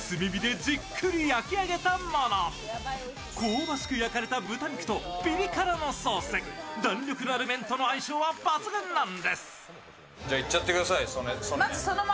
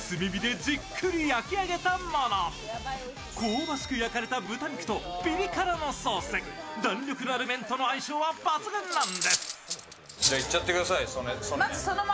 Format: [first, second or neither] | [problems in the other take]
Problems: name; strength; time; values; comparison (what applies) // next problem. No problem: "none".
first | background sound (Cutlery, silverware); 2 dB below the speech